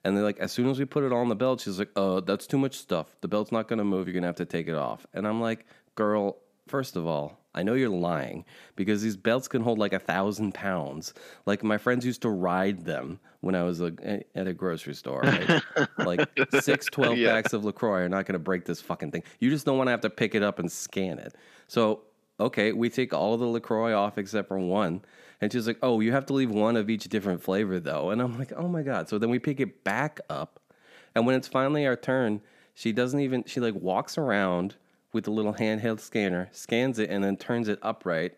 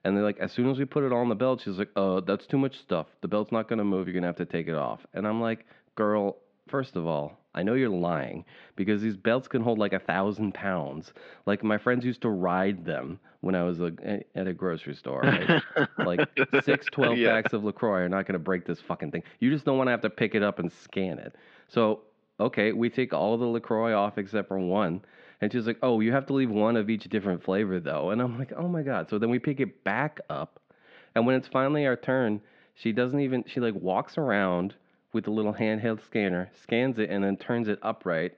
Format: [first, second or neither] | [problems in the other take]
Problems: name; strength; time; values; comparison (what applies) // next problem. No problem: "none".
first | muffled; slightly; fading above 3.5 kHz